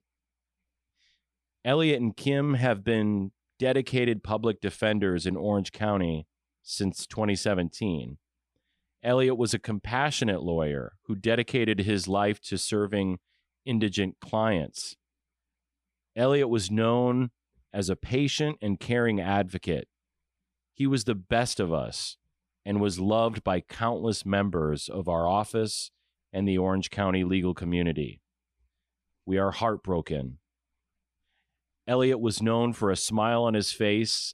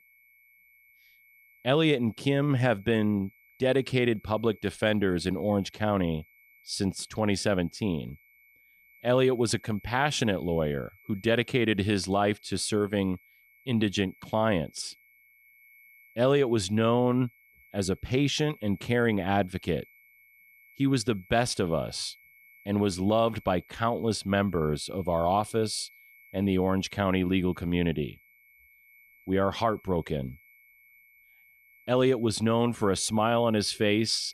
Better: first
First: none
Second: high-pitched whine; faint; throughout; 2 kHz, 30 dB below the speech

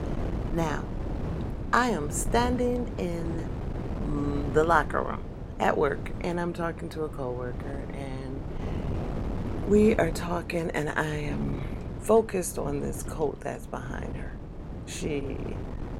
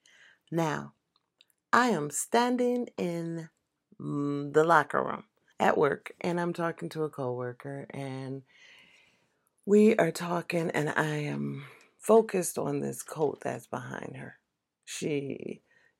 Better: second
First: wind noise on the microphone; occasional gusts; 15 dB below the speech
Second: none

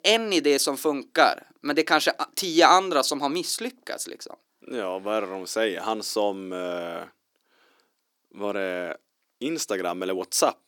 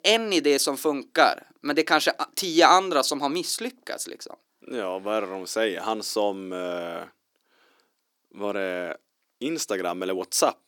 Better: neither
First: thin; somewhat; fading below 300 Hz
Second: thin; somewhat; fading below 300 Hz

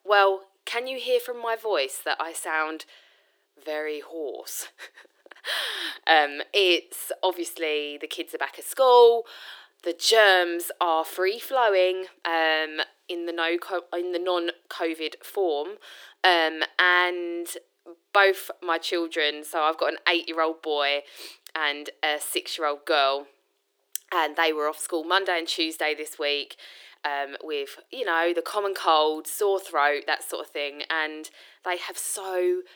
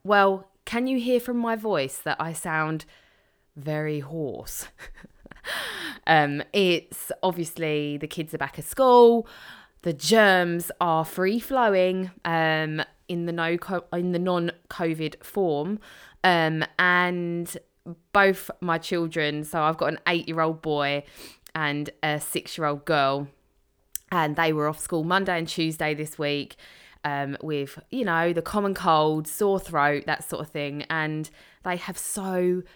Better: second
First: thin; very; fading below 350 Hz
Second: none

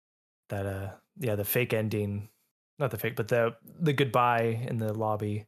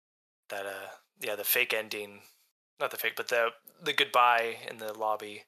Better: first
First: none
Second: thin; very; fading below 700 Hz

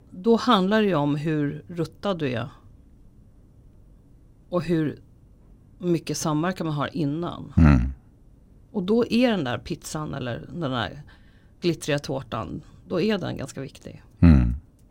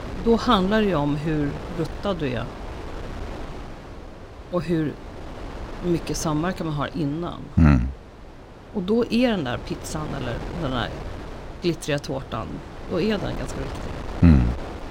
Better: first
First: none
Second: wind noise on the microphone; occasional gusts; 10 dB below the speech

